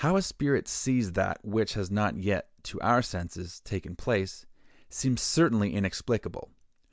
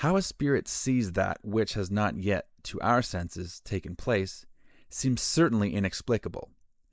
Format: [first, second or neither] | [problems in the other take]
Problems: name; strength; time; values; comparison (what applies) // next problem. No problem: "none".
first | noise reduction (neural mask model Resemble Enhance denoiser)